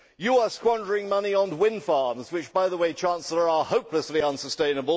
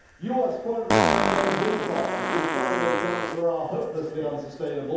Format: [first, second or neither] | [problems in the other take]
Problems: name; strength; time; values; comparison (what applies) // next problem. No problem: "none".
first | background sound (Fart); 1 dB above the speech // room echo; dies away in 0.9 s